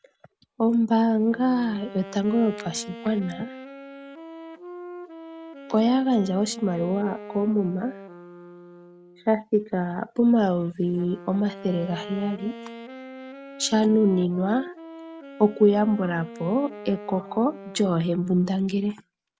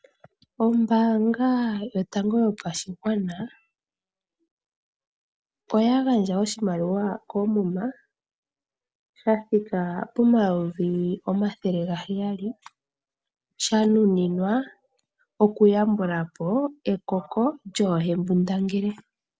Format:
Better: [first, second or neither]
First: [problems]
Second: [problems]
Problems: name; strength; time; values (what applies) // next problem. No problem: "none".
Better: second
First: background sound (Wind instrument, woodwind instrument); 16 dB below the speech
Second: none